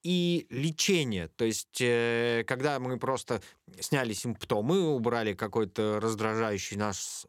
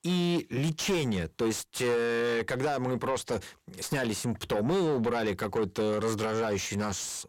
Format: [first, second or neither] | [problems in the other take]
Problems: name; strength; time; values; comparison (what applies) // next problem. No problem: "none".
first | distortion; heavy; 7 dB below the speech